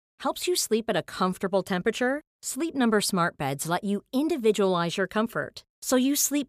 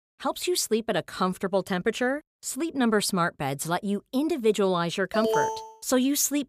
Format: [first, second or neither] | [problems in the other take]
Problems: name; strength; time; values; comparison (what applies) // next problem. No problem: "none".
first | alarm; loud; at 5 s; peak 1 dB above the speech